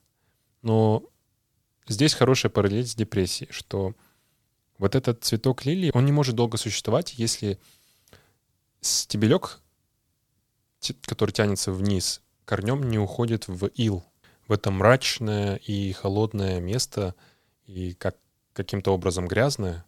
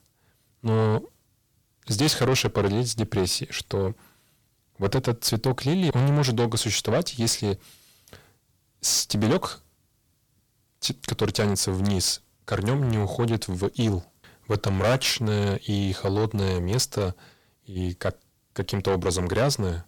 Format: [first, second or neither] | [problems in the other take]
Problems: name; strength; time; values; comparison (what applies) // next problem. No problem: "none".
first | distortion; heavy; 7 dB below the speech